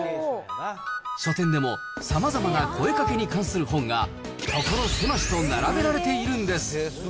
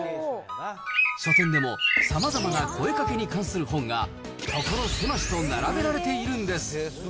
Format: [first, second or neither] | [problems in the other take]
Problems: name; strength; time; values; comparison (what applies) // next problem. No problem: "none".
first | background sound (Bird); 2 dB above the speech